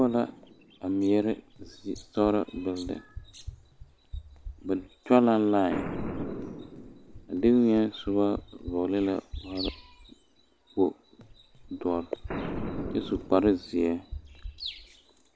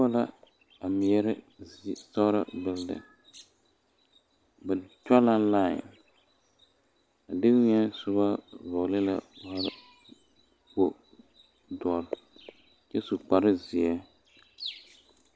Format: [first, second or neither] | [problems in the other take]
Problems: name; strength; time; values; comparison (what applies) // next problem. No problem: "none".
second | background sound (Boom + Run); 12 dB below the speech